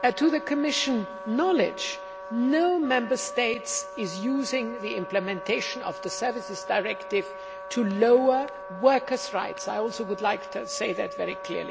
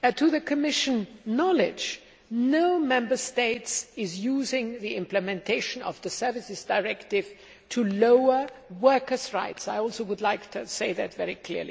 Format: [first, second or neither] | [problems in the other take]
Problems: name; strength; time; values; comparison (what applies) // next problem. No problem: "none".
second | background sound (Wind instrument, woodwind instrument); 12 dB below the speech